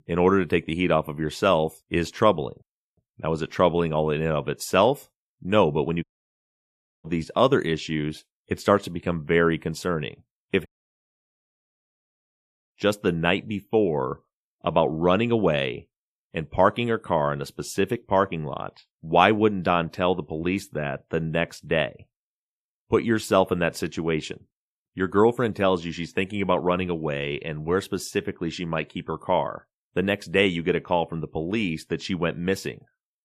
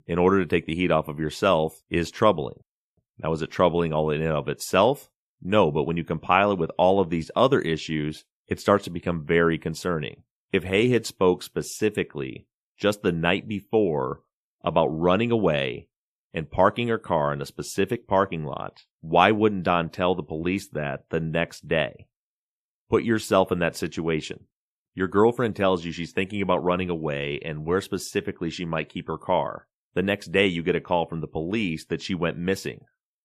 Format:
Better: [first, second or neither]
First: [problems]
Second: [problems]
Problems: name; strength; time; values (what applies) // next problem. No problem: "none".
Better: second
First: audio cutting out; at 6 s for 1 s and at 11 s for 2 s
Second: none